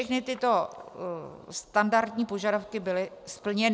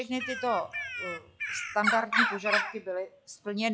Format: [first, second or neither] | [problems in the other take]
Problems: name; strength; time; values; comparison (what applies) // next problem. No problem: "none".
first | noise reduction (classical method log-MMSE)